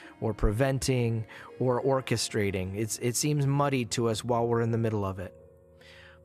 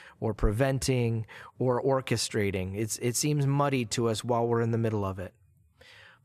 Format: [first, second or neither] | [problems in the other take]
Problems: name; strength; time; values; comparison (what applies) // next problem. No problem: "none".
second | background music; faint; throughout; 25 dB below the speech